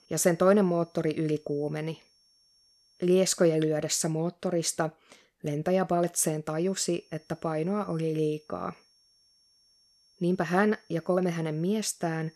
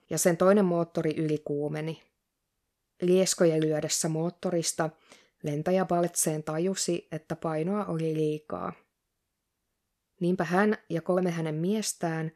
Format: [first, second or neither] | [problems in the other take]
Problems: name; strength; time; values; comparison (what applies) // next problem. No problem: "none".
second | high-pitched whine; faint; until 3.5 s and from 6.5 s on; 5.5 kHz, 35 dB below the speech